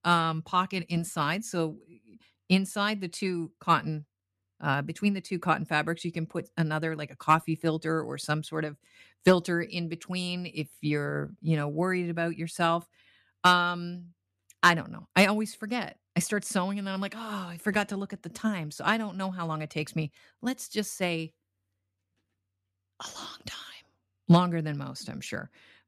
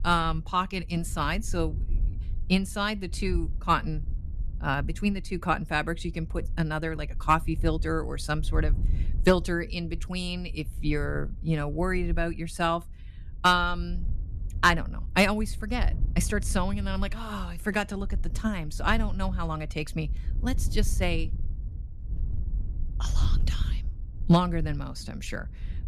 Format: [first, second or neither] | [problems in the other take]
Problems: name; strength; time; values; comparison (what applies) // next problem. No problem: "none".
first | wind noise on the microphone; occasional gusts; 25 dB below the speech